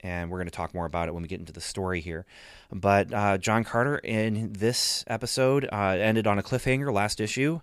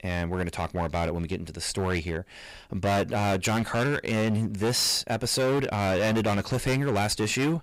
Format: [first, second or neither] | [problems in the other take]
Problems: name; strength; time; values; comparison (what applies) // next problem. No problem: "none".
first | distortion; heavy; 17% of the sound clipped